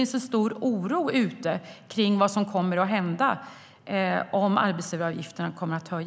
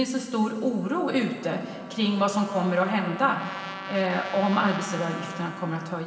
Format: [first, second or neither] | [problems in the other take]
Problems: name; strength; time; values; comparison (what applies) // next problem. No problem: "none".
first | background sound (Trumpet); 14 dB below the speech // room echo; dies away in 2.5 s